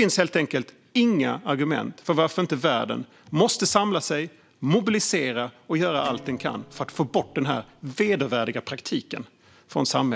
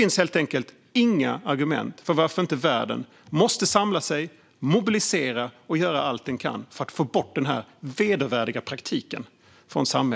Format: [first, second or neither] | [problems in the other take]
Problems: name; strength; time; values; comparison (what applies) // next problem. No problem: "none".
second | background sound (Guitar); 20 dB below the speech